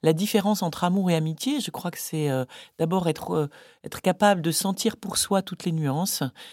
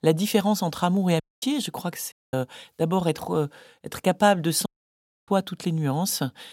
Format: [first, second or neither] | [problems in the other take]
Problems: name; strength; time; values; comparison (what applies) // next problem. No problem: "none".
first | audio cutting out; at 1 s, at 2 s and at 4.5 s for 0.5 s